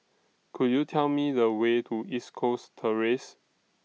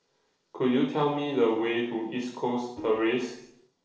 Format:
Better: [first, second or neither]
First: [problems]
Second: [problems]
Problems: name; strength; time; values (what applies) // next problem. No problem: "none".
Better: first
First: none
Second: noise reduction (neural separator model SepFormer DNS4)